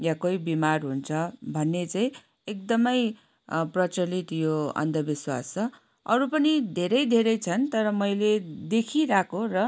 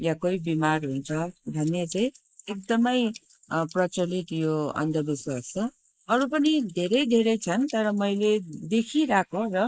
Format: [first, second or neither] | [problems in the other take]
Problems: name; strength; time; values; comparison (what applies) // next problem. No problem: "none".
first | noise reduction (neural mask model Resemble Enhance denoiser)